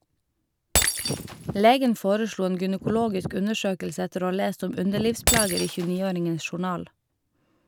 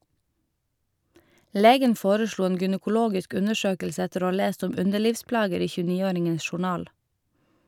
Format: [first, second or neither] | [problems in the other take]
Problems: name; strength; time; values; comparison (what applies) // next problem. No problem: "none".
second | background sound (Wind + Shatter); 6 dB below the speech